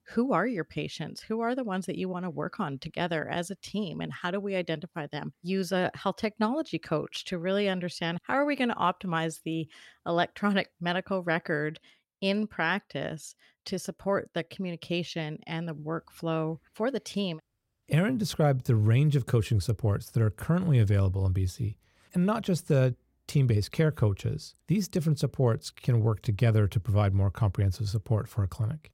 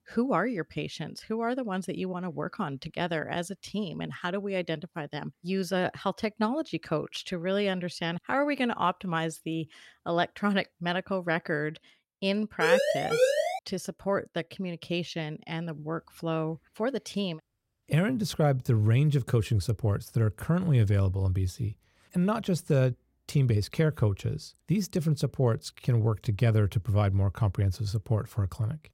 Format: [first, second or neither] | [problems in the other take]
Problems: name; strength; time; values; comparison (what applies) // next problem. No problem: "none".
first | siren; loud; at 13 s; peak 5 dB above the speech